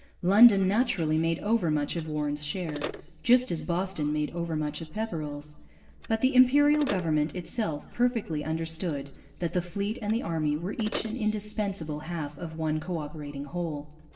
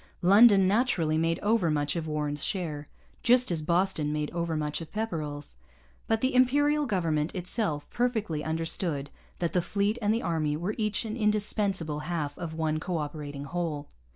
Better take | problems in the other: second | background sound (Telephone); 18 dB below the speech // room echo; dies away in 1.7 s

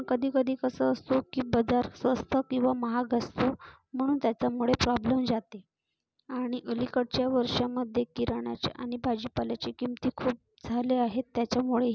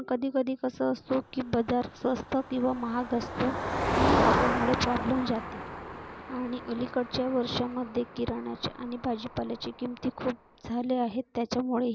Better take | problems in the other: first | background sound (Motor vehicle (road)); 4 dB below the speech

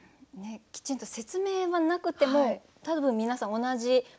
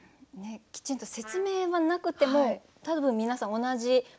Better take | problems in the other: first | background sound (Trumpet); 20 dB below the speech

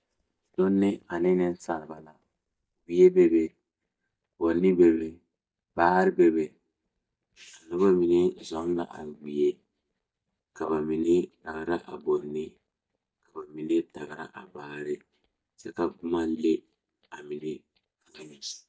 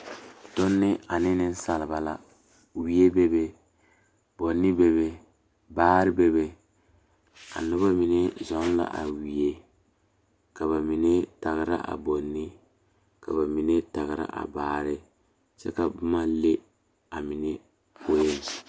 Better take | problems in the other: second | noise reduction (neural mask model DeepFilterNet 3)

